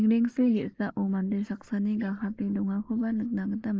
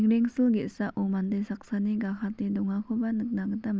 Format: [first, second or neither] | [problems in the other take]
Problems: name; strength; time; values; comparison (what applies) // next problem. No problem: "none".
second | noise reduction (neural mask model Resemble Enhance denoiser)